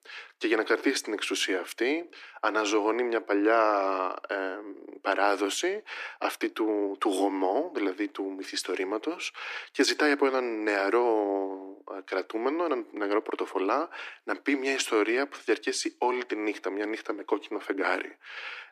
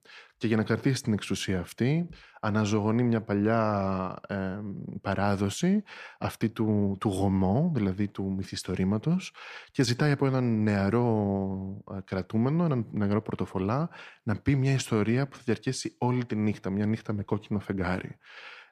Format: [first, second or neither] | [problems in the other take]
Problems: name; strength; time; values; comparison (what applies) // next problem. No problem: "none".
second | thin; very; fading below 300 Hz